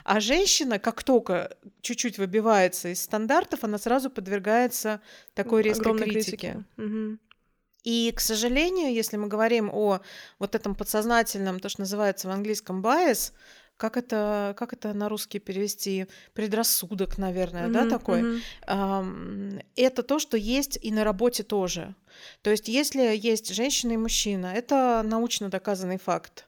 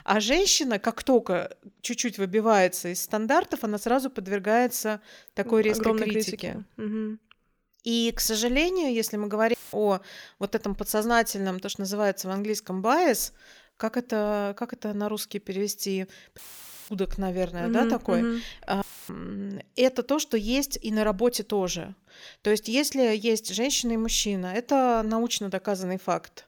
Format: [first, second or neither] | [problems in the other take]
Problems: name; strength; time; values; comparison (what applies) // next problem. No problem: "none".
first | audio cutting out; filled with static; at 9.5 s, at 16 s for 0.5 s and at 19 s